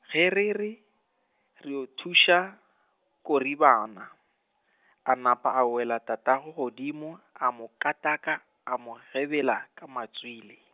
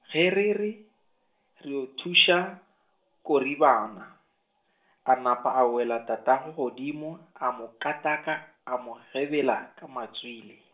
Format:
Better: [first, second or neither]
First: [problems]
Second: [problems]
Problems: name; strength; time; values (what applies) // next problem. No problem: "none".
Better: first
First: none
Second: room echo; dies away in 0.4 s